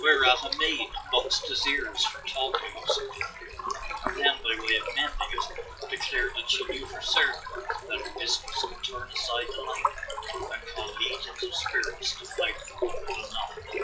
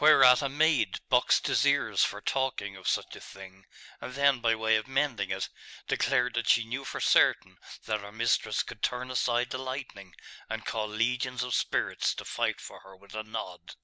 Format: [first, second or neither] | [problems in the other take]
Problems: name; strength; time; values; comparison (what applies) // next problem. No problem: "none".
second | noise reduction (classical method WPE with log-MMSE)